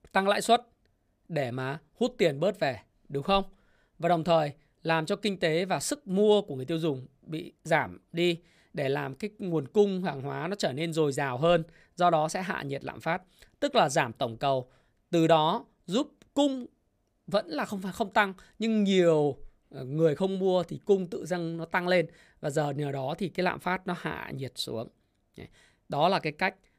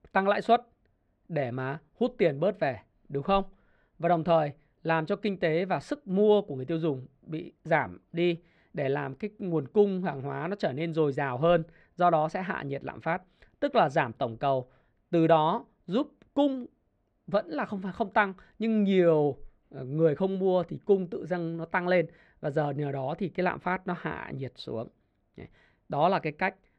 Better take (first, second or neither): first